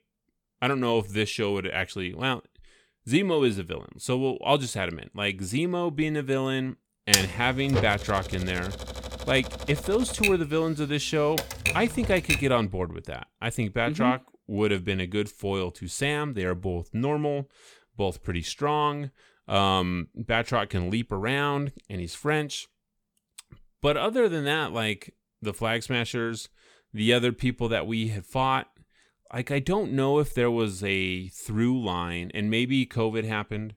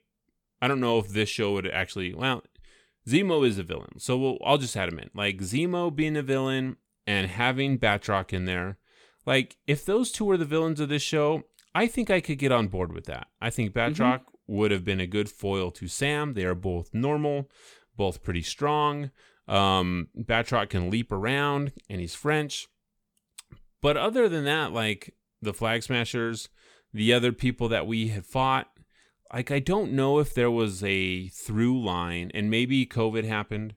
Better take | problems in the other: second | keyboard typing; loud; from 7 to 12 s; peak 5 dB above the speech

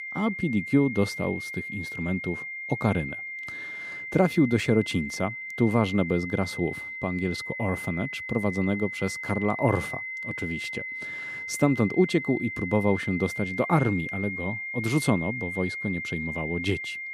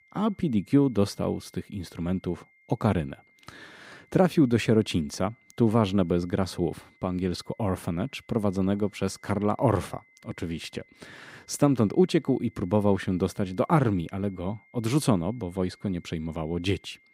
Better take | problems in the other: second | high-pitched whine; loud; throughout; 2 kHz, 6 dB below the speech; faint in the second

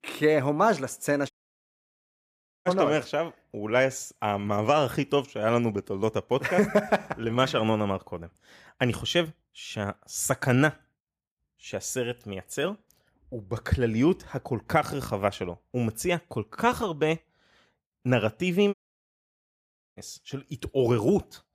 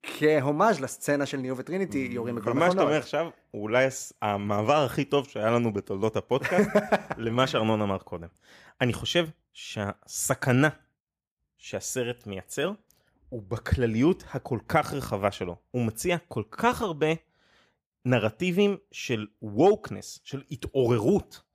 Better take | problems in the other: second | audio cutting out; at 1.5 s for 1.5 s and at 19 s for 1 s

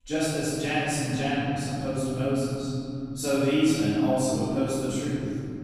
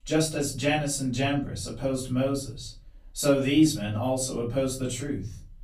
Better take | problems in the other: second | room echo; strong; dies away in 3 s; slight in the second // off-mic speech; far; far in the second

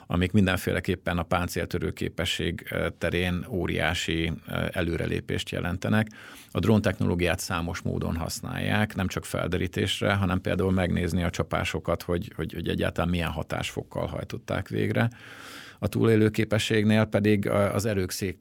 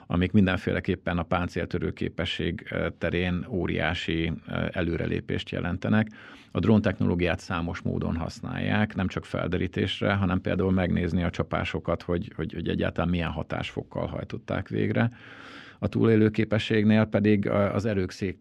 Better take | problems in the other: first | muffled; slightly; fading above 3.5 kHz

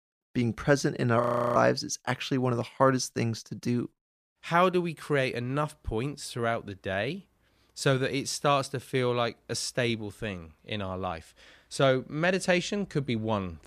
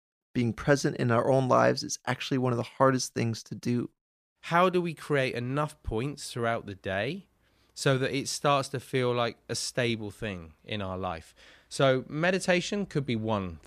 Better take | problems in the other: second | audio freezing; at 1 s

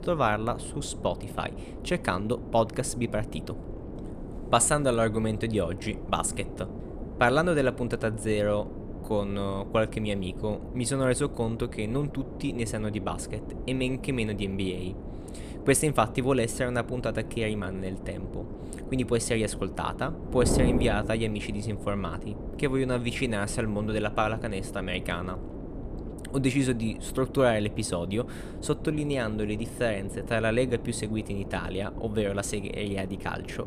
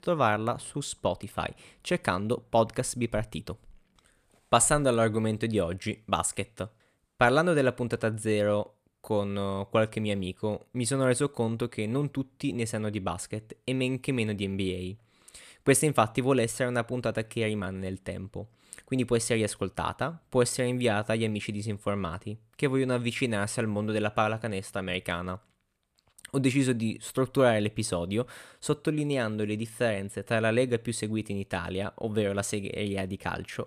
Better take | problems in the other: second | wind noise on the microphone; occasional gusts; 15 dB below the speech

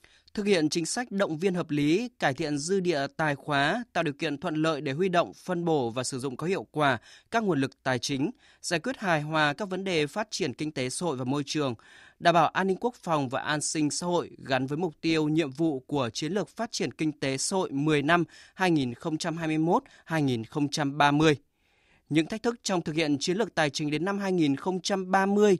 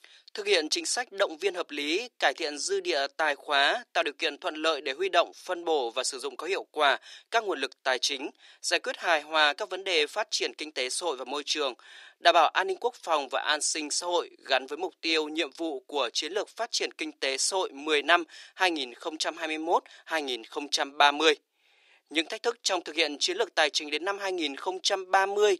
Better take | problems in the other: first | thin; very; fading below 400 Hz

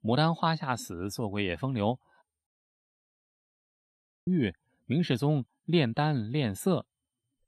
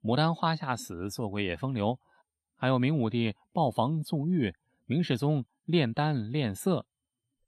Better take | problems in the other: second | audio cutting out; at 2.5 s for 2 s

